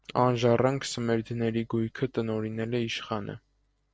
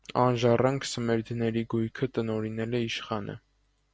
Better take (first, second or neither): second